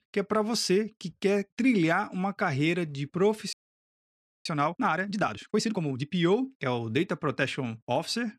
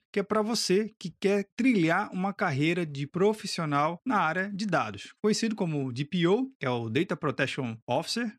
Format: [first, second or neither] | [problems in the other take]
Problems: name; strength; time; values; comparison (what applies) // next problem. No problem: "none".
second | audio freezing; at 3.5 s for 1 s